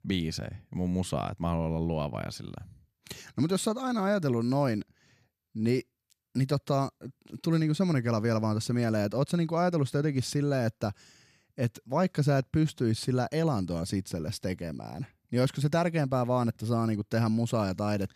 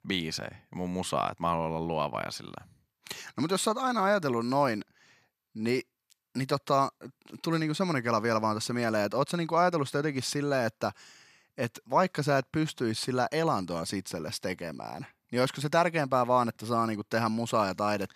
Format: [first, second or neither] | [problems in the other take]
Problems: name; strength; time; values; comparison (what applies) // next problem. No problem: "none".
first | thin; somewhat; fading below 350 Hz